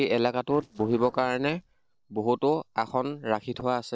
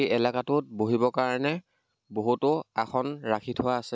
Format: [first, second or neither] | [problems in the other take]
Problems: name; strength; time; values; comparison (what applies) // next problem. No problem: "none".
second | noise reduction (neural separator model SepFormer DNS4)